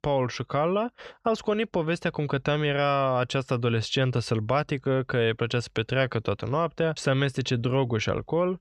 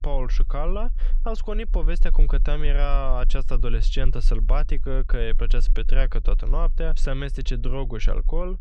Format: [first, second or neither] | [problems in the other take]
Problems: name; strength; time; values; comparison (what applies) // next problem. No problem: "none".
first | low rumble; faint; throughout; 20 dB below the speech